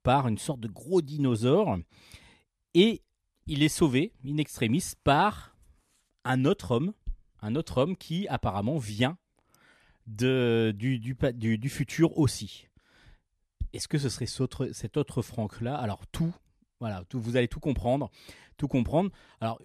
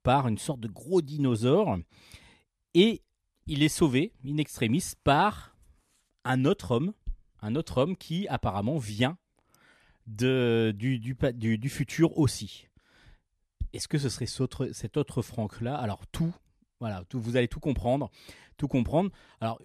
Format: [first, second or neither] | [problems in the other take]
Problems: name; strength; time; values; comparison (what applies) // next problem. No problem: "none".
neither | none